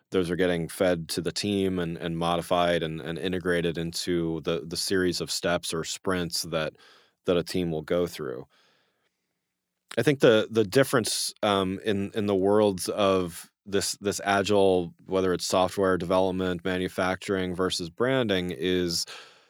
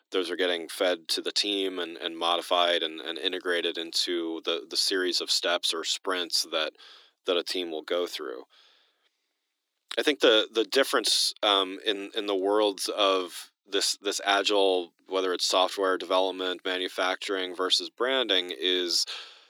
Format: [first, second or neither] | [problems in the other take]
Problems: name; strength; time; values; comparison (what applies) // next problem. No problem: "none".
first | thin; somewhat; fading below 300 Hz